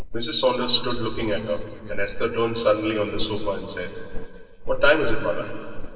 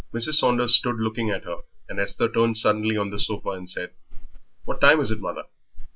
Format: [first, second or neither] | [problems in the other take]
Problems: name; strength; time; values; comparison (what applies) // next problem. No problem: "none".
second | noise reduction (neural separator model SepFormer DNS4)